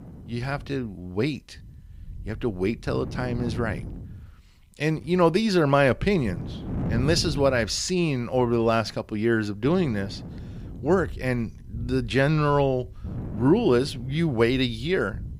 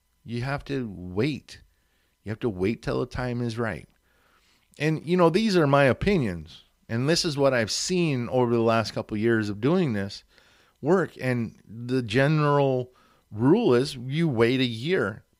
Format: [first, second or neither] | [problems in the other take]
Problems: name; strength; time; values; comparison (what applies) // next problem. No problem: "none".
second | wind noise on the microphone; occasional gusts; 20 dB below the speech